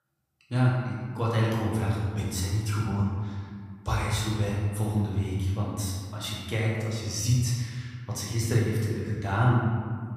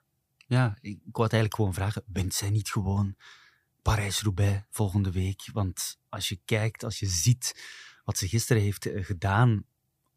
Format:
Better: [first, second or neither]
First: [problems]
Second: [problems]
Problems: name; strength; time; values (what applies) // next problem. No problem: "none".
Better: second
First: room echo; noticeable; dies away in 1.7 s // off-mic speech; far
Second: none